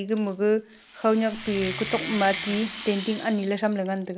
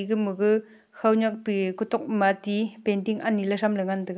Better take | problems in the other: second | background sound (Wood + Rattle); 12 dB below the speech

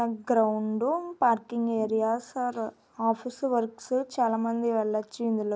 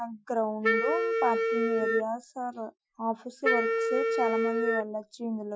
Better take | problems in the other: first | noise reduction (classical method Wiener filter)

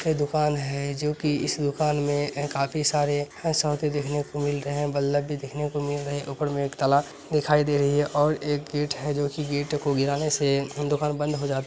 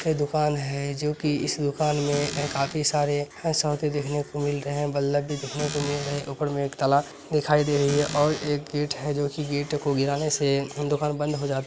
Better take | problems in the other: first | background sound (Squeak / Cupboard open or close); 10 dB below the speech

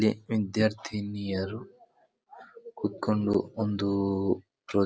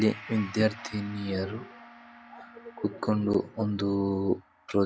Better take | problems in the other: first | background sound (Wind instrument, woodwind instrument + Gong); 19 dB below the speech

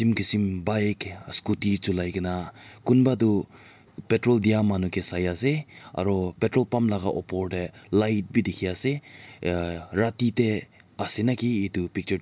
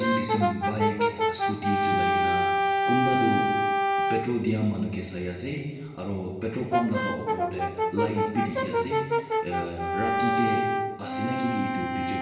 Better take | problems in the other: first | background sound (Brass instrument); 3 dB above the speech // room echo; dies away in 1.3 s

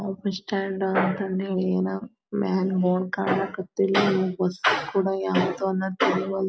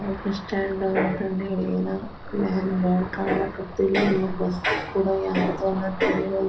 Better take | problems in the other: first | background sound (Ocean); 13 dB below the speech // room echo; dies away in 0.3 s

